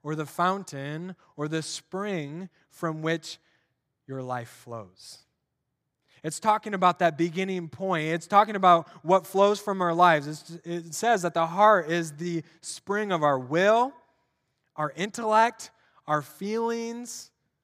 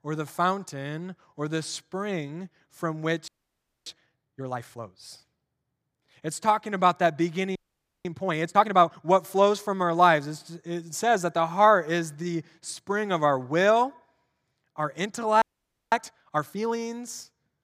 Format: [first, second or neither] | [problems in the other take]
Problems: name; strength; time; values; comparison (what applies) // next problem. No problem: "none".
first | audio freezing; at 3.5 s for 0.5 s, at 7.5 s for 0.5 s and at 15 s for 0.5 s